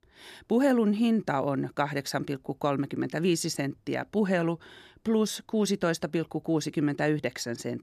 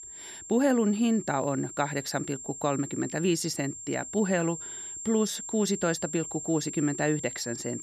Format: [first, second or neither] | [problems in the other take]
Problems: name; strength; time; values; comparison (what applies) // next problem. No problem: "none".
first | high-pitched whine; loud; throughout; 7.5 kHz, 9 dB below the speech